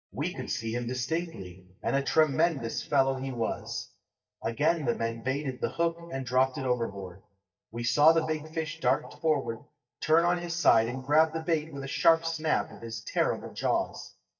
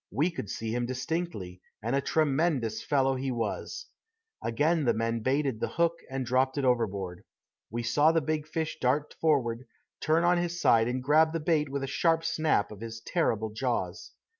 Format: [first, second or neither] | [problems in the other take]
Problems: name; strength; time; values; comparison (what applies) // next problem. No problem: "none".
second | noise reduction (neural mask model DeepFilterNet 3)